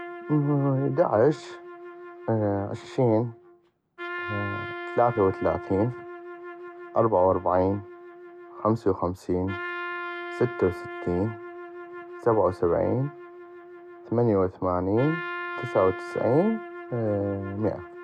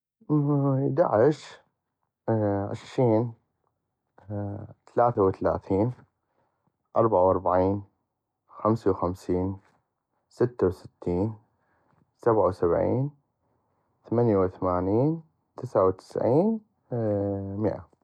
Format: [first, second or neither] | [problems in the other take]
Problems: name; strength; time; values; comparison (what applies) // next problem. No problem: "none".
second | background sound (Trumpet); 12 dB below the speech